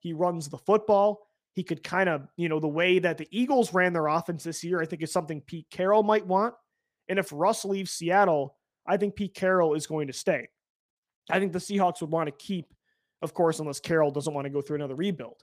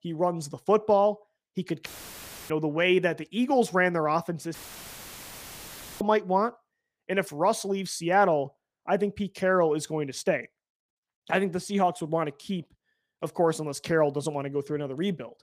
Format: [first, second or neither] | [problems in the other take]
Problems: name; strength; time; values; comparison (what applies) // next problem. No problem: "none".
first | audio cutting out; filled with static; at 2 s for 0.5 s and at 4.5 s for 1.5 s